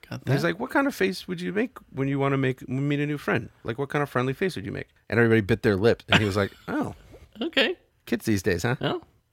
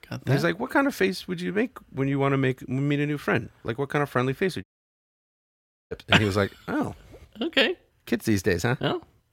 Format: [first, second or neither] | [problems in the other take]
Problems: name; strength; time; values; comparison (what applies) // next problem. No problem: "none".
first | audio cutting out; at 4.5 s for 1.5 s